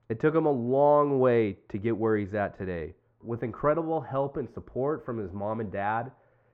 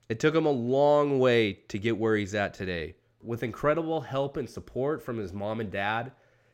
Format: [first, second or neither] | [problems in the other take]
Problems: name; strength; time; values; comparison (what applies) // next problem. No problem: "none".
second | muffled; very; fading above 3 kHz